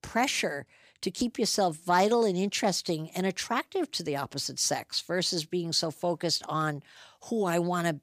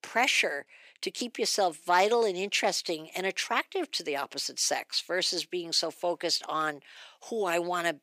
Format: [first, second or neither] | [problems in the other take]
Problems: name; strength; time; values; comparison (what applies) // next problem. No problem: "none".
first | thin; somewhat; fading below 400 Hz